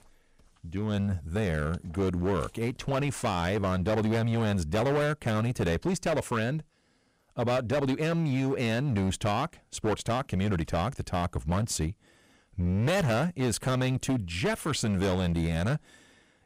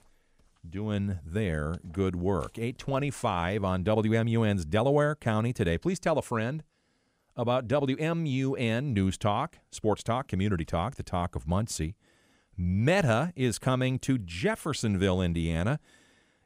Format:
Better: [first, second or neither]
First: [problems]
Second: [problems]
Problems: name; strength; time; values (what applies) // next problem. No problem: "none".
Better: second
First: distortion; heavy; 15% of the sound clipped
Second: none